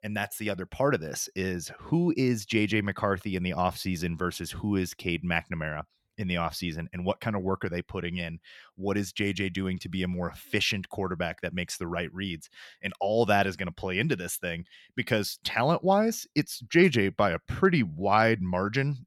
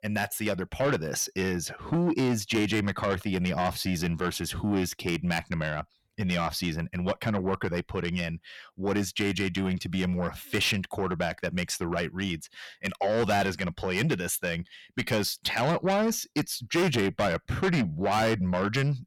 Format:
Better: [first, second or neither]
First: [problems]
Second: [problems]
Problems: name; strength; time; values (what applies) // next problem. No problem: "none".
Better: first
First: none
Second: distortion; heavy; 6 dB below the speech